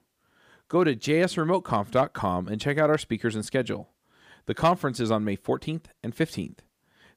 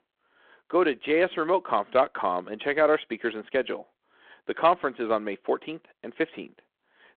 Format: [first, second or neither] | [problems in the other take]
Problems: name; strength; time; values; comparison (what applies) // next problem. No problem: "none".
first | phone-call audio